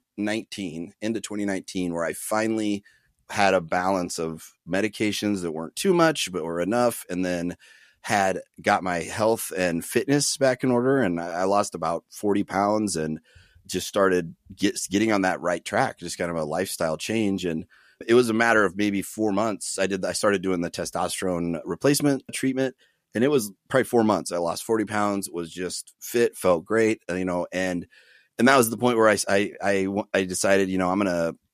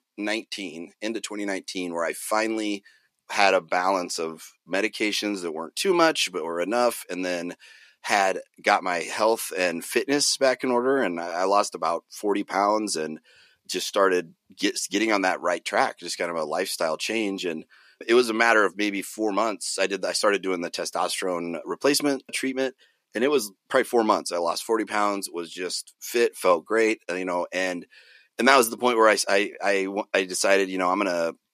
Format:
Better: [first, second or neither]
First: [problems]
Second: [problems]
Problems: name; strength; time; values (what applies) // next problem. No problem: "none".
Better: first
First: none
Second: thin; very slightly; fading below 350 Hz